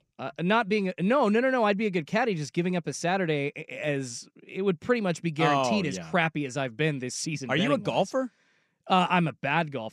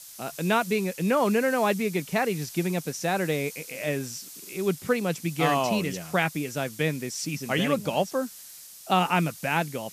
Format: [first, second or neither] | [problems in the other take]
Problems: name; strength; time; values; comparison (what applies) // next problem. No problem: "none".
first | hiss; noticeable; throughout; 15 dB below the speech